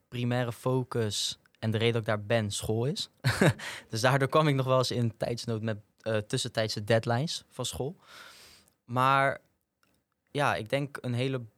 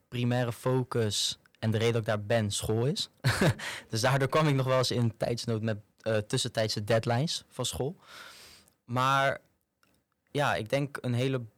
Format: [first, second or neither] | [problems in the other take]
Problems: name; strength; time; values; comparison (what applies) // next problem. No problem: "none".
first | distortion; slight; 3% of the sound clipped